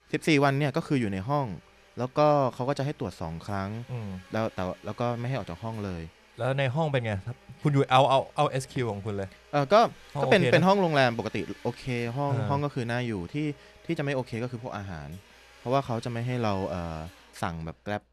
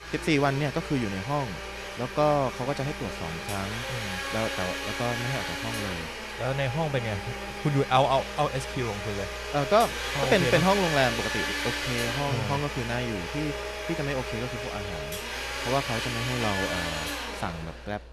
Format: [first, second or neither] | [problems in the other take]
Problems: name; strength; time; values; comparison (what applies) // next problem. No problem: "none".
first | household noises; loud; throughout; 3 dB below the speech; faint in the first